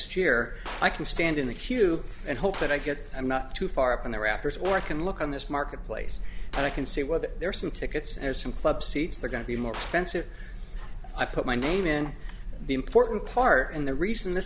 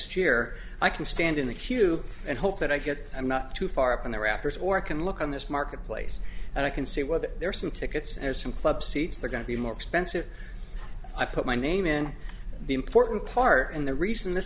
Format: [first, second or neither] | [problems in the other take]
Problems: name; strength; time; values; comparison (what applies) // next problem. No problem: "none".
second | background sound (Gunshot, gunfire); 18 dB below the speech